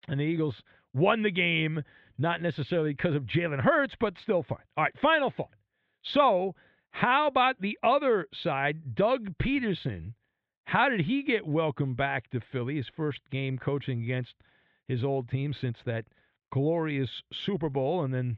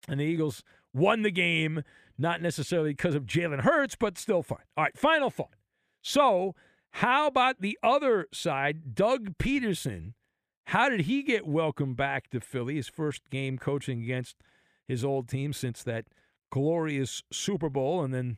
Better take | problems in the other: second | muffled; slightly; fading above 3.5 kHz

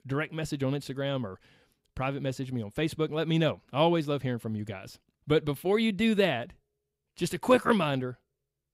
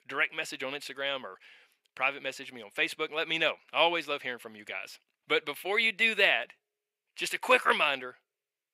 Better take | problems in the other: first | thin; very; fading below 600 Hz

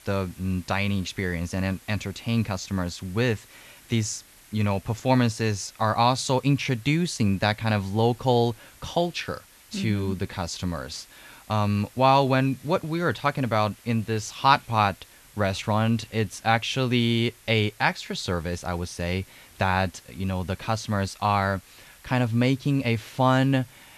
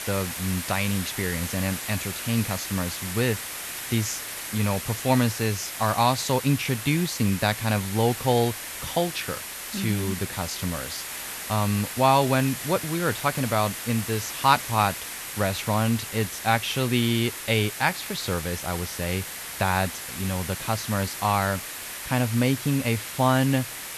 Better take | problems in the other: first | hiss; loud; throughout; 7 dB below the speech; faint in the first

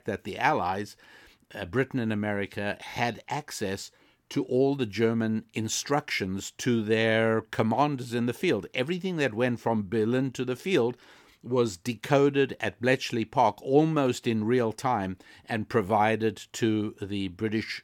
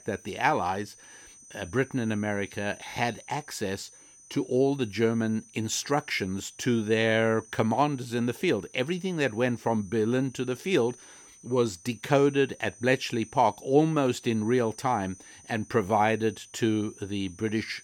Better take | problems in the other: first | high-pitched whine; faint; throughout; 6 kHz, 20 dB below the speech

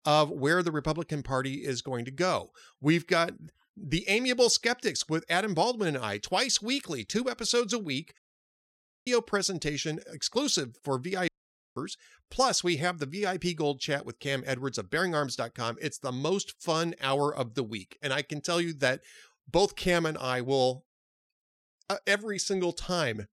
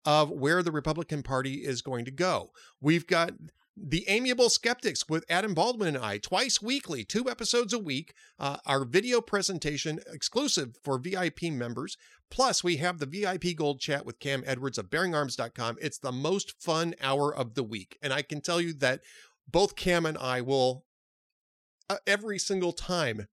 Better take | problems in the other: second | audio cutting out; at 8 s for 1 s and at 11 s

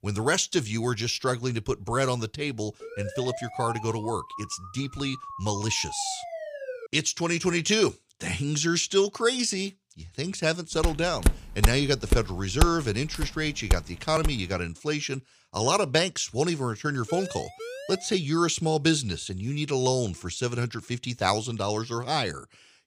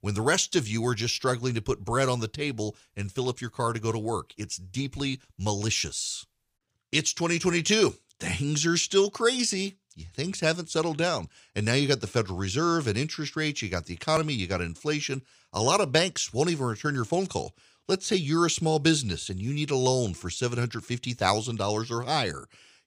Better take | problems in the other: second | siren; noticeable; from 3 to 7 s; peak 9 dB below the speech // footsteps; loud; from 11 to 14 s; peak 2 dB above the speech // siren; faint; from 17 to 18 s; peak 10 dB below the speech

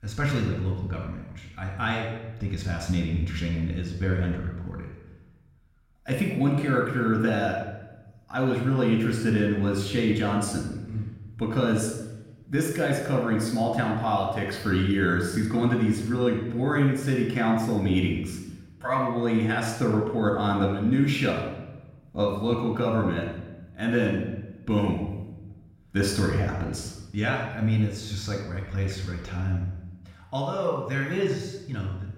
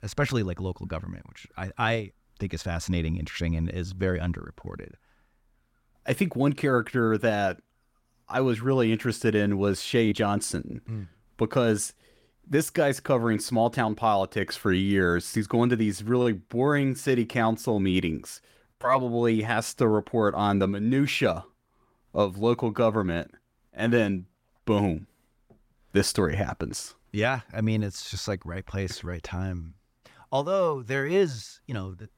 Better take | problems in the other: second | off-mic speech; somewhat distant // room echo; noticeable; dies away in 0.9 s

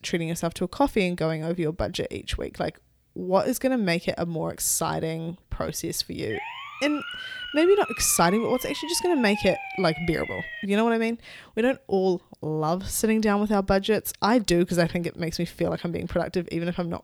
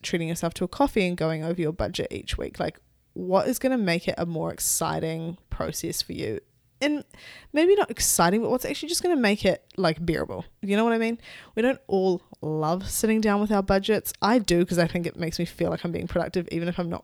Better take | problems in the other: second | siren; noticeable; from 6.5 to 11 s; peak 7 dB below the speech

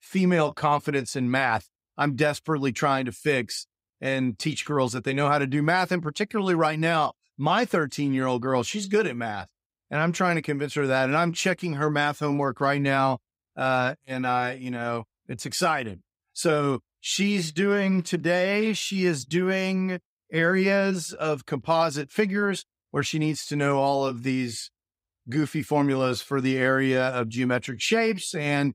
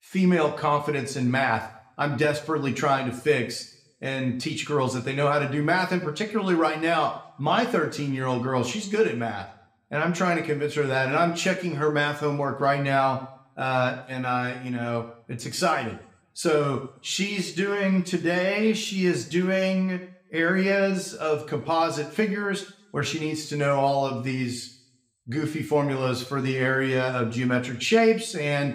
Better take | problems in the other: first | room echo; very slight; dies away in 0.5 s

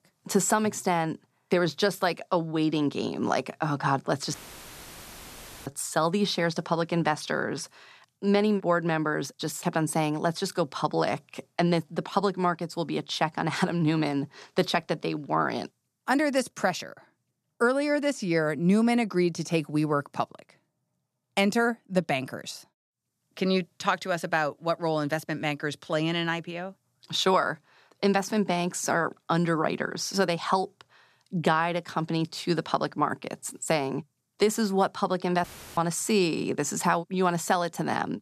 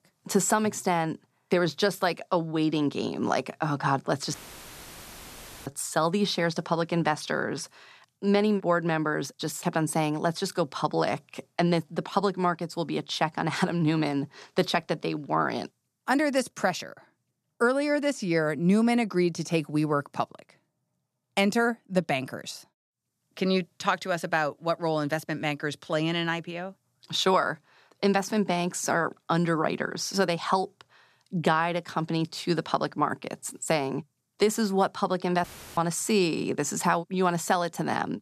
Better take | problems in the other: neither | audio cutting out; filled with static; at 4.5 s for 1.5 s and at 35 s; the same in both

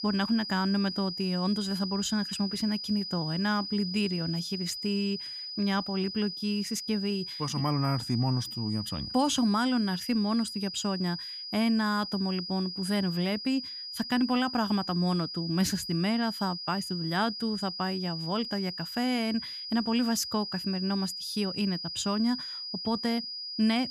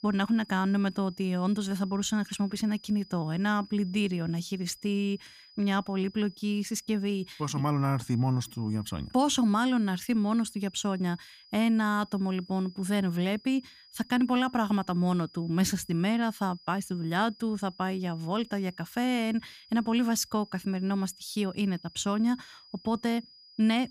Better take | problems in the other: second | high-pitched whine; loud; throughout; 5 kHz, 6 dB below the speech; faint in the second

